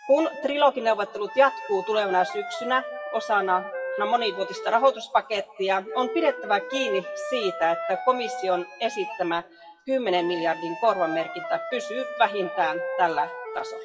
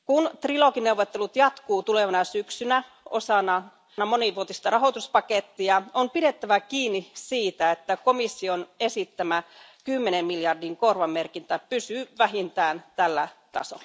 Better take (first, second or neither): second